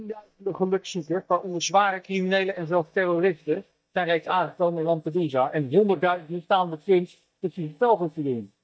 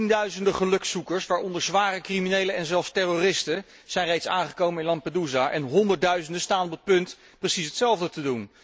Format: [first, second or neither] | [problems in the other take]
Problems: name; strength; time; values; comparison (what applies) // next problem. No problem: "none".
second | noise reduction (neural mask model DeepFilterNet 3)